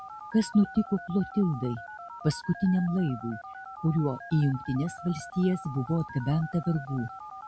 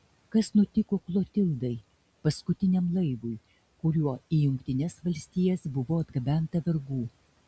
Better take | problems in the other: second | background sound (Telephone); 14 dB below the speech

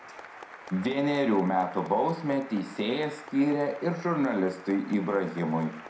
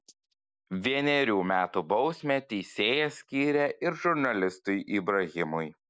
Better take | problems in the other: second | background sound (Applause); 17 dB below the speech // room echo; dies away in 0.4 s

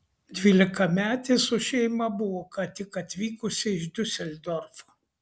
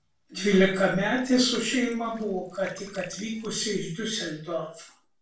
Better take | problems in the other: first | noise reduction (neural separator model SepFormer DNS4)

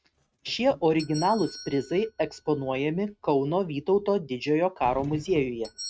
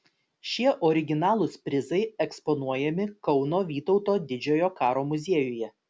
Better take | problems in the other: second | noise reduction (neural mask model RNNoise)

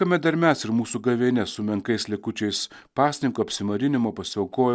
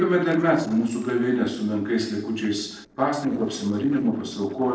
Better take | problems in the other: first | noise reduction (neural separator model SepFormer DNS4)

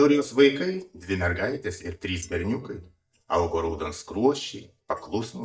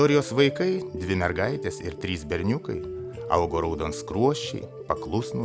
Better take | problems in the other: second | noise reduction (neural mask model DeepFilterNet 3)

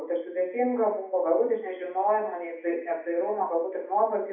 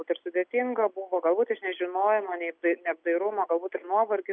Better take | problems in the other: second | room echo; dies away in 0.7 s

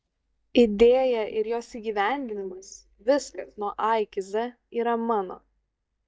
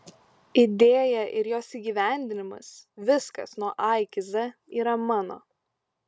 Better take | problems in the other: second | noise reduction (neural mask model DeepFilterNet 3)

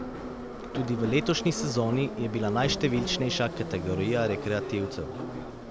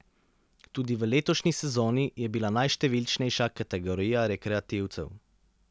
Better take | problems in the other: second | background sound (Subway, metro, underground); 6 dB below the speech

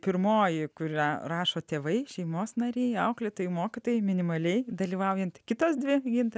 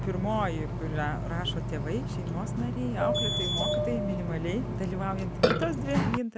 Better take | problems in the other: first | background sound (Burping, eructation); 3 dB above the speech

